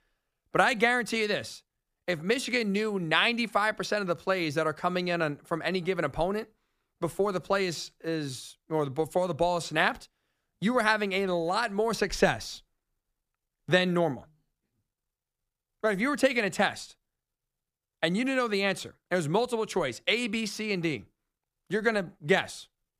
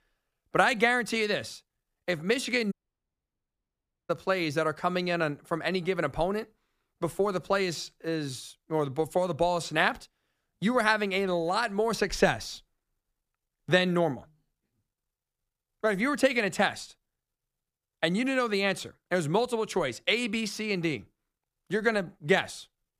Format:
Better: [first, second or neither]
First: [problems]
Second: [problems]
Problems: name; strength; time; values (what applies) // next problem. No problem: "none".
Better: first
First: none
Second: audio cutting out; at 2.5 s for 1.5 s